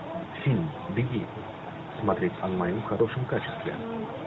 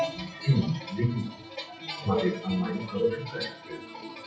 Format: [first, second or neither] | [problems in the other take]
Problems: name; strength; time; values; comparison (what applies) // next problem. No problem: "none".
first | noise reduction (classical method WPE with log-MMSE)